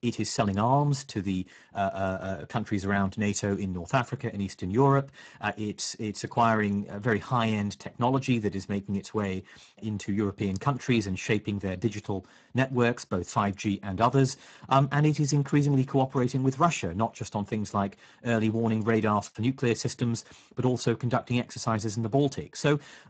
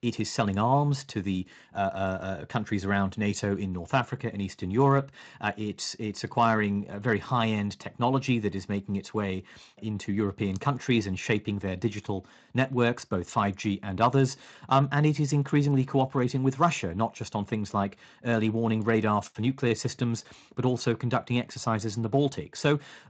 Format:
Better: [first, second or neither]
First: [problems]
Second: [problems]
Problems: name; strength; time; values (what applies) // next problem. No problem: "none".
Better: second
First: garbled, watery; badly; nothing above 7.5 kHz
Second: garbled, watery; slightly; nothing above 7.5 kHz